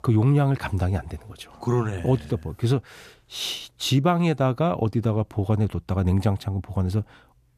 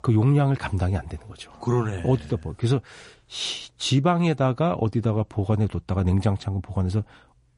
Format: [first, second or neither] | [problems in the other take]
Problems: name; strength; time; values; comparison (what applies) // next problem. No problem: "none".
first | garbled, watery; slightly; nothing above 10.5 kHz